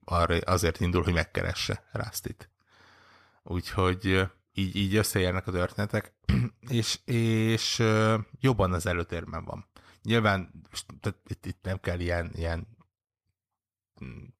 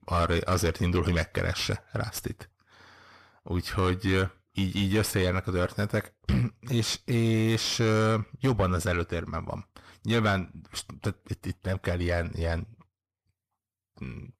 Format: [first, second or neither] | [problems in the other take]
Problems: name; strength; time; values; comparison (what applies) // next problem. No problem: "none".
first | distortion; slight; 10 dB below the speech